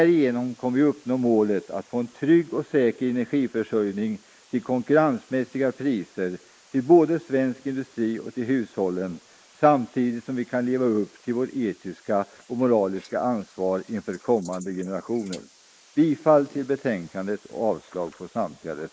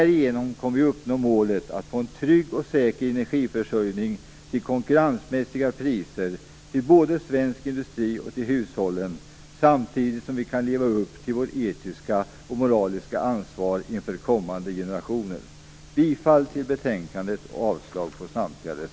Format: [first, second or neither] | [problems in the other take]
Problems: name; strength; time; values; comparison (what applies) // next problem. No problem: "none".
second | noise reduction (neural mask model Resemble Enhance denoiser)